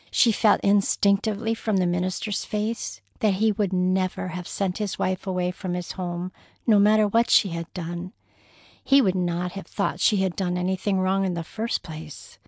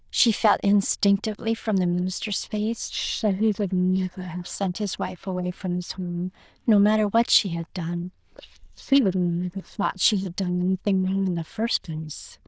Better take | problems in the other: first | noise reduction (neural diffusion model UNIVERSE++)

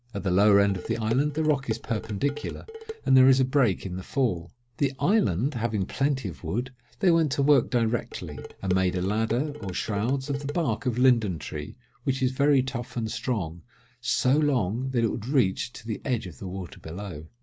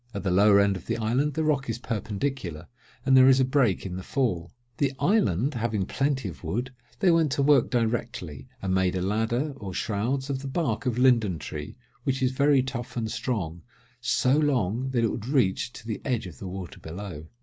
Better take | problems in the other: second | background sound (Dishes, pots, and pans); 14 dB below the speech

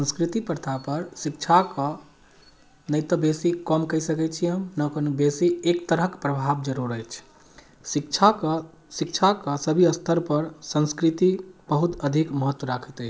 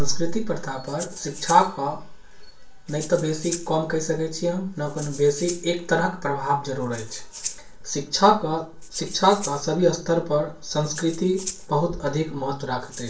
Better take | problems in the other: first | background sound (Rattle (instrument)); 17 dB below the speech // room echo; dies away in 0.3 s

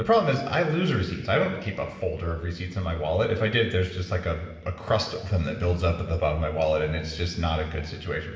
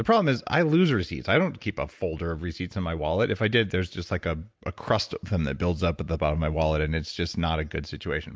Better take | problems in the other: second | room echo; dies away in 1.2 s

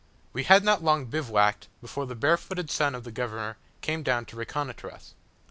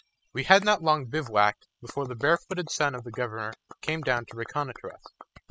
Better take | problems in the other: first | noise reduction (classical method spectral subtraction)

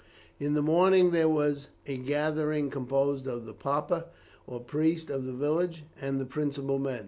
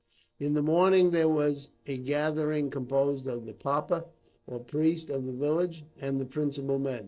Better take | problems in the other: first | noise reduction (neural separator model SepFormer DNS4)

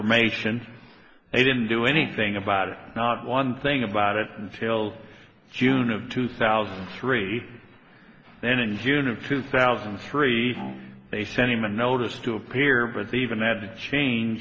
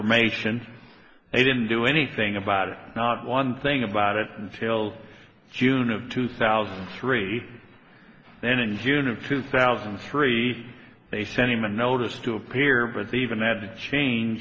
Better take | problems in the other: second | background sound (Bowed string instrument); 20 dB below the speech

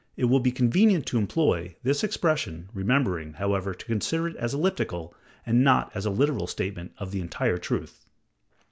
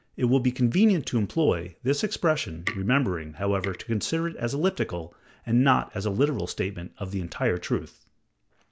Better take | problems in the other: first | background sound (Tick); 14 dB below the speech

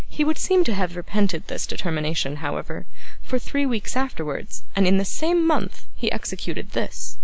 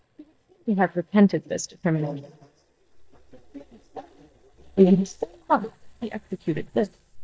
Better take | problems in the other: first | noise reduction (neural mask model DeepFilterNet 3)

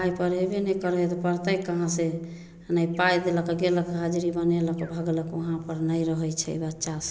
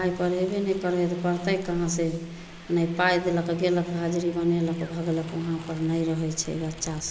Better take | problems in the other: first | background sound (Subway, metro, underground + Crumpling, crinkling); 18 dB below the speech

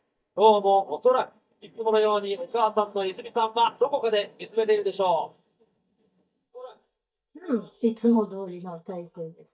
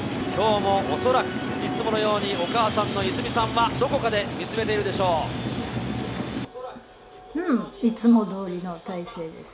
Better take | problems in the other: second | noise reduction (neural mask model DeepFilterNet 3)

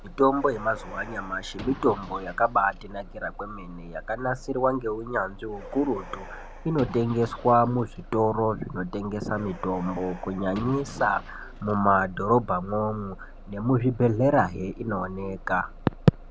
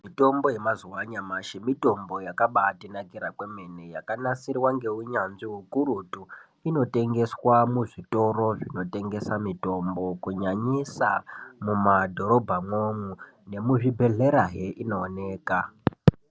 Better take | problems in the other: second | background sound (Bus + Car); 15 dB below the speech

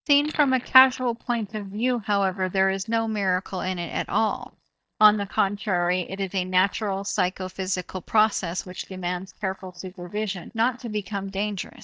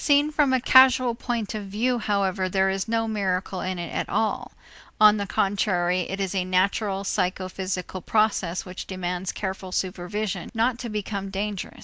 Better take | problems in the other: second | noise reduction (neural mask model DeepFilterNet 3)

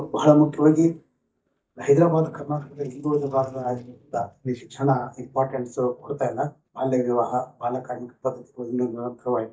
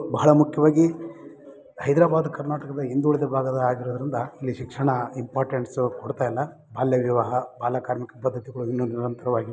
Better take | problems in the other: second | noise reduction (neural mask model DeepFilterNet 3)

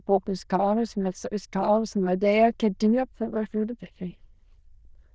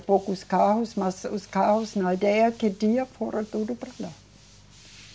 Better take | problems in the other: second | noise reduction (neural diffusion model UNIVERSE++)

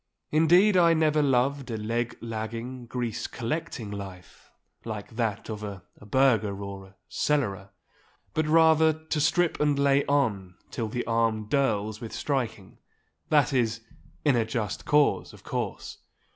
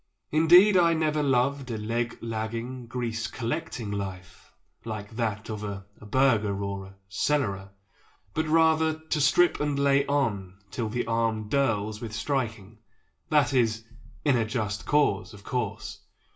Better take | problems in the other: first | room echo; dies away in 0.2 s

